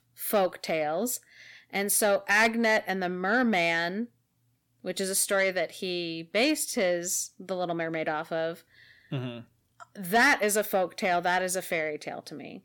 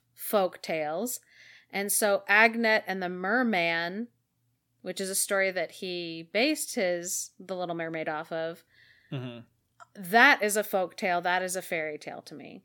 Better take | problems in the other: second | distortion; slight; 10 dB below the speech

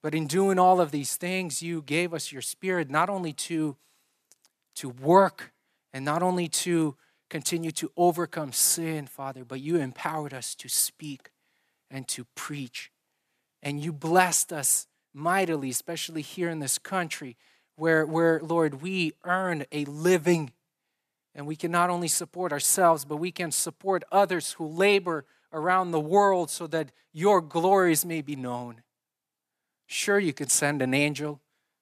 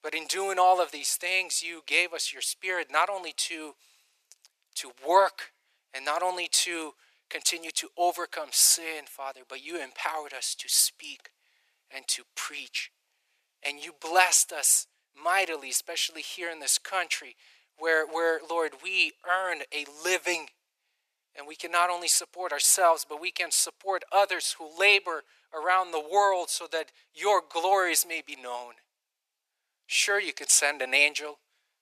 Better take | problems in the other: first | thin; very; fading below 450 Hz

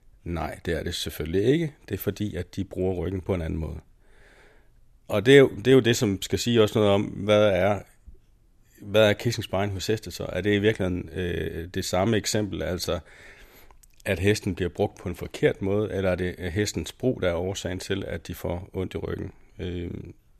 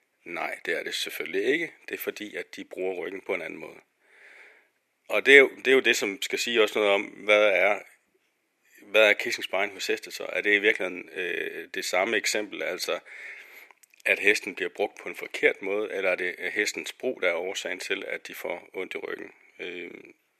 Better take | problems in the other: first | thin; somewhat; fading below 350 Hz

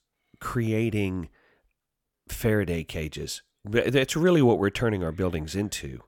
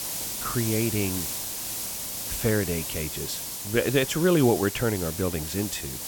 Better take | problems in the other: first | hiss; loud; throughout; 4 dB below the speech

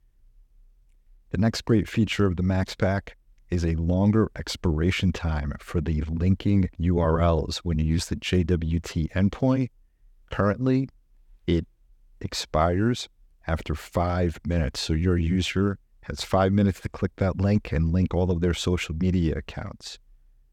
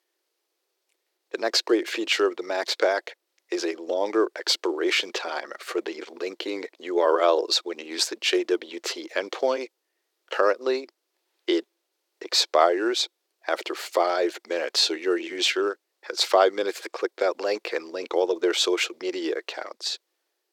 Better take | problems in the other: first | thin; very; fading below 350 Hz

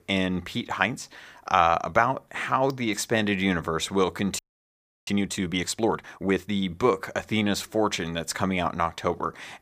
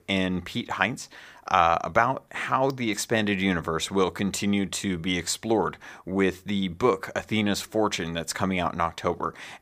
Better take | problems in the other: second | audio freezing; at 4.5 s for 0.5 s

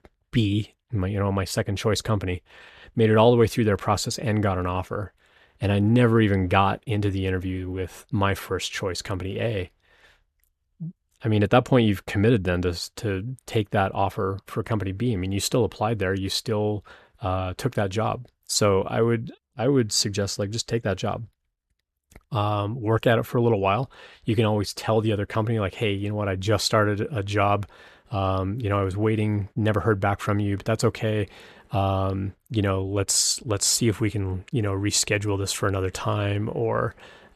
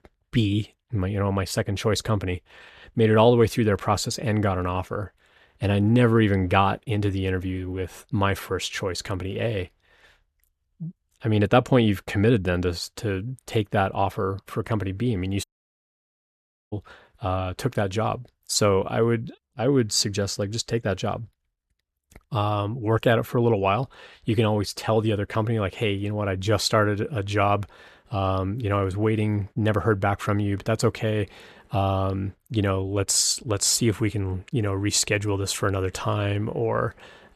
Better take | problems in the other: first | audio cutting out; at 15 s for 1.5 s

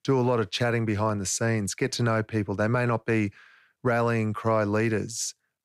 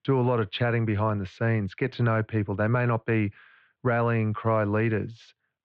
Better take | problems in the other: first | muffled; very; fading above 3.5 kHz

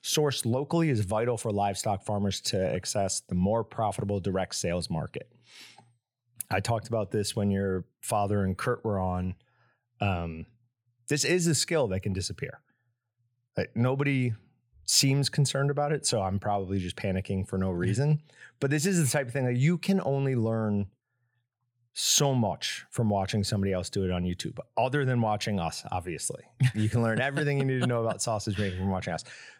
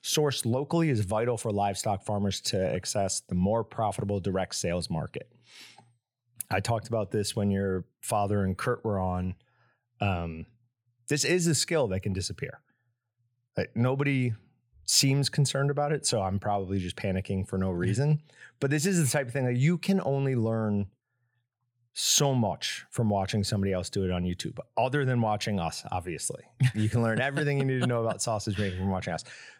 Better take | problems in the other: neither | none

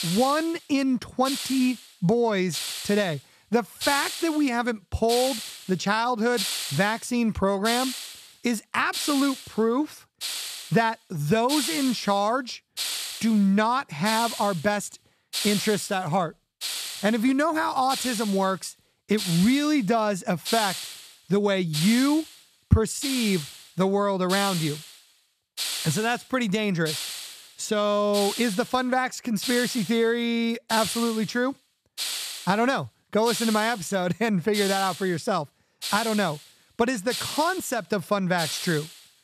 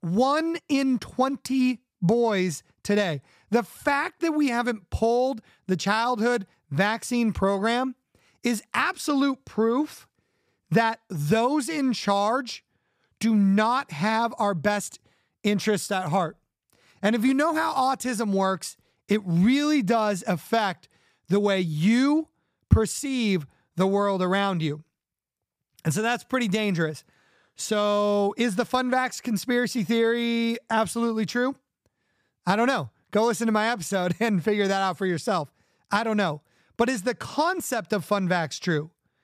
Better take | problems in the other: second | hiss; loud; throughout; 6 dB below the speech

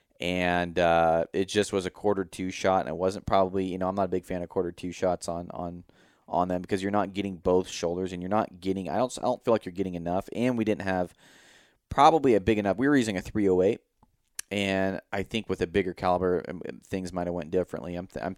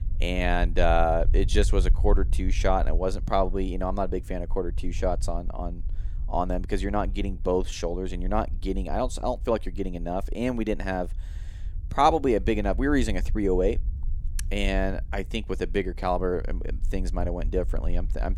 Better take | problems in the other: first | low rumble; faint; throughout; 25 dB below the speech

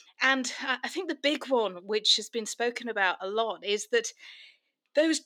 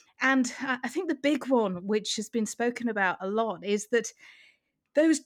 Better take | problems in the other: second | thin; somewhat; fading below 400 Hz

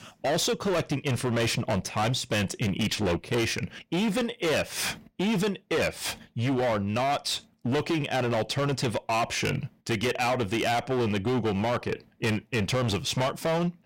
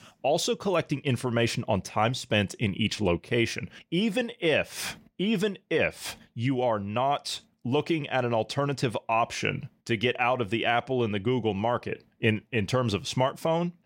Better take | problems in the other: second | distortion; heavy; 21% of the sound clipped

